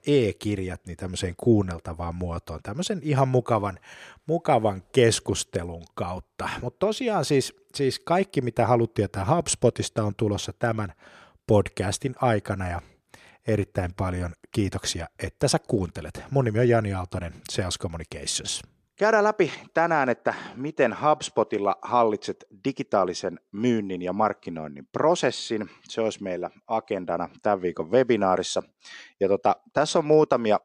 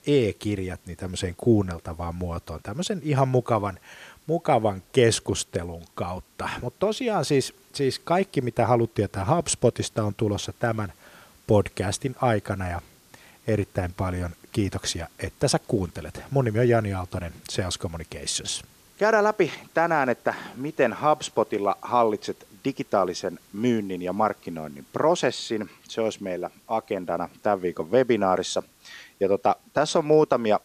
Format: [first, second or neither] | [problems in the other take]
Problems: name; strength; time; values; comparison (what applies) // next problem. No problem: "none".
first | hiss; faint; throughout; 30 dB below the speech